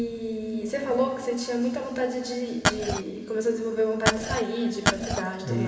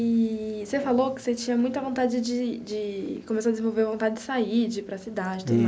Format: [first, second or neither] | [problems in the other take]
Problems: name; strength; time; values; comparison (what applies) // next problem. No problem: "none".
second | background sound (Glass); 2 dB above the speech // room echo; dies away in 2.5 s